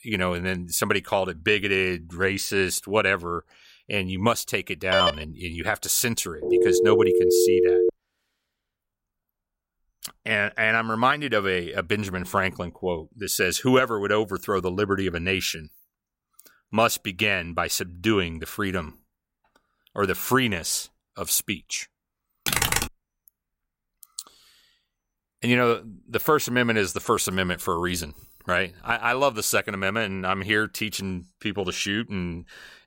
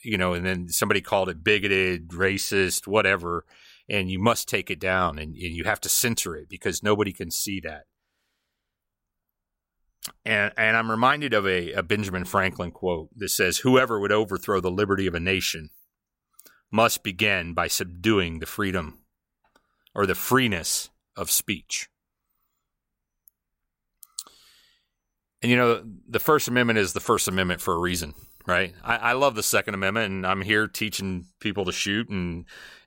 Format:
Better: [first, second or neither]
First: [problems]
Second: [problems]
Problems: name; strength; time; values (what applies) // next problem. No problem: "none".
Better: second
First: phone ringing; loud; at 5 s and from 6.5 to 8 s; peak 6 dB above the speech // keyboard typing; loud; at 22 s; peak 3 dB above the speech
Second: none